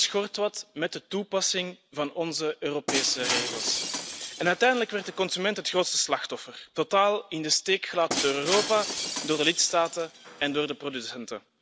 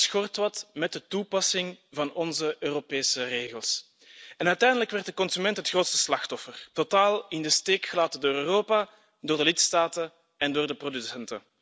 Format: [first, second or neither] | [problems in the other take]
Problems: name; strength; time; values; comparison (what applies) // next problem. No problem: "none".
second | background sound (Shatter); 9 dB below the speech